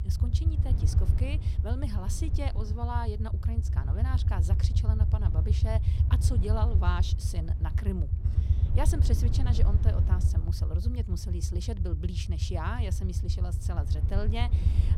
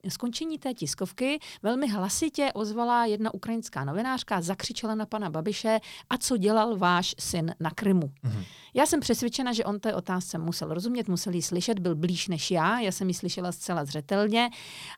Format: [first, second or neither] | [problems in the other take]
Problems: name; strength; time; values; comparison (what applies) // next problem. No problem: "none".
second | low rumble; loud; throughout; 4 dB below the speech